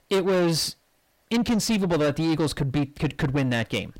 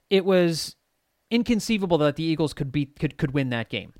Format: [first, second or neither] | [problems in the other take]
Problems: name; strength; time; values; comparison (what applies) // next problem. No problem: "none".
second | distortion; heavy; 7 dB below the speech